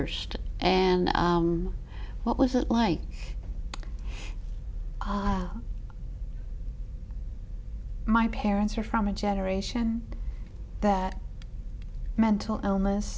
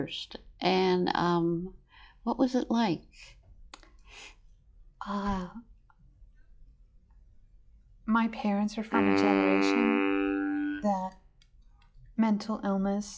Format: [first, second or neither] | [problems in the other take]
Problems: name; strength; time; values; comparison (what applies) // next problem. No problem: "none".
first | noise reduction (classical method log-MMSE)